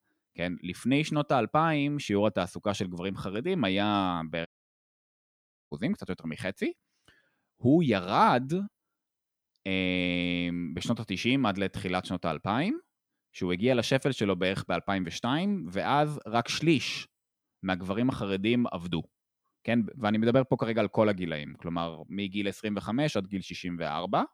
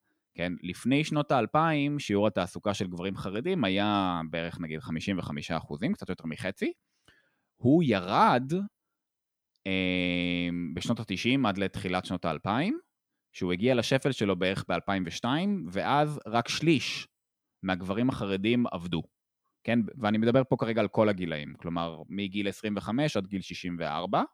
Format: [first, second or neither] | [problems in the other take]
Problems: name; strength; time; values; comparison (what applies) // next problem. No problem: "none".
second | audio cutting out; at 4.5 s for 1.5 s